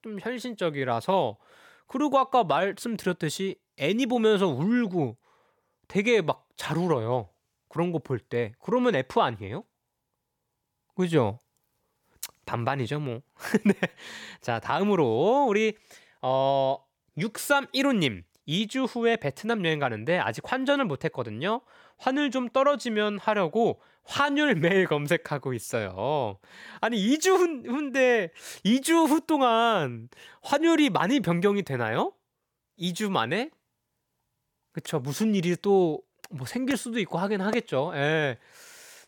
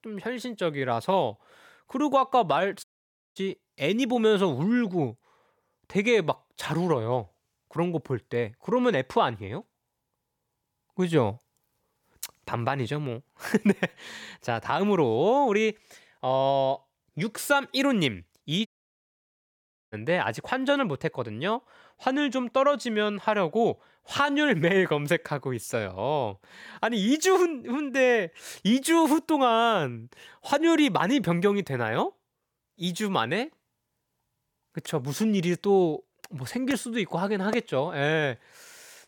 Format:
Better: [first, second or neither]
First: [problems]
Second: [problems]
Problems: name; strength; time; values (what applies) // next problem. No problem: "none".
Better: first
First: none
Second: audio cutting out; at 3 s for 0.5 s and at 19 s for 1.5 s